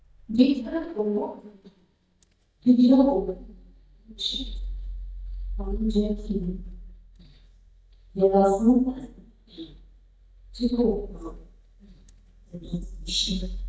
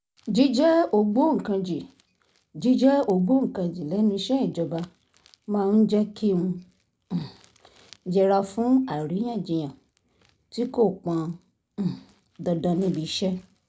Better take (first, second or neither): second